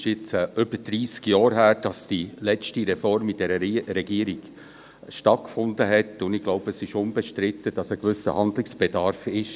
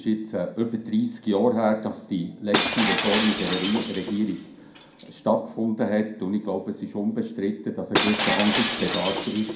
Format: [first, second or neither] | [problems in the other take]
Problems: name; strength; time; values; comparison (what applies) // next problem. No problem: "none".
first | background sound (Shatter); 5 dB below the speech // room echo; dies away in 0.4 s